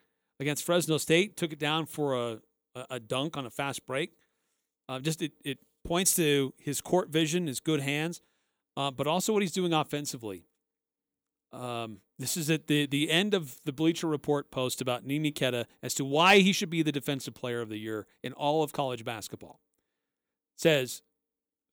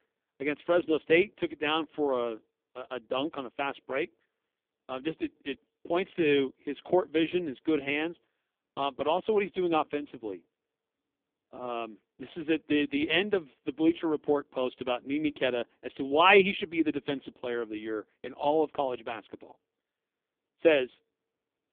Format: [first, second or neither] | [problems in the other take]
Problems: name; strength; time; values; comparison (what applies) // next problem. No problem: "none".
first | phone-call audio; poor line; nothing above 3.5 kHz